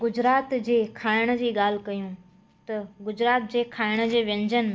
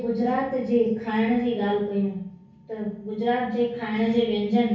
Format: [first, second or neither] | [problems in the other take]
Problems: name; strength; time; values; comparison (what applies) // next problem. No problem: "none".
first | room echo; dies away in 0.6 s